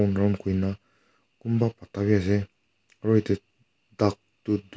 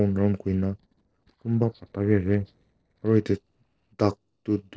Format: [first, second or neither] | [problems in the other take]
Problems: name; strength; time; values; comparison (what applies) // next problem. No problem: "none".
first | noise reduction (neural separator model SepFormer DNS4)